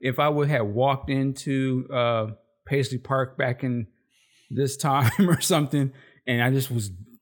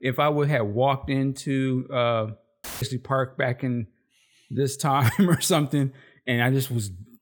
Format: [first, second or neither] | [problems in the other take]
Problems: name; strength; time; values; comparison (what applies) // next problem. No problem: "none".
first | audio cutting out; filled with static; at 2.5 s